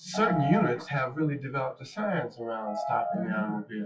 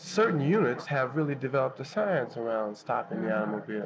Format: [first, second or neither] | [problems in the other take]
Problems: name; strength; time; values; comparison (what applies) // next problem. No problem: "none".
second | noise reduction (classical method WPE with log-MMSE)